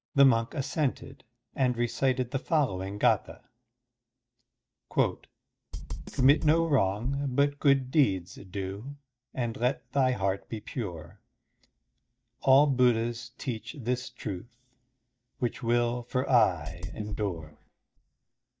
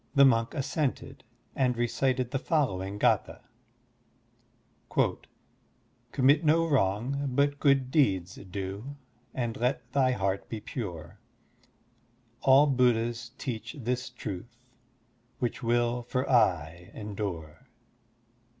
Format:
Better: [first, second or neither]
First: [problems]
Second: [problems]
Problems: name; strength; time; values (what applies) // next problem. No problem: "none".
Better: second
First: noise reduction (neural mask model DeepFilterNet 3)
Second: none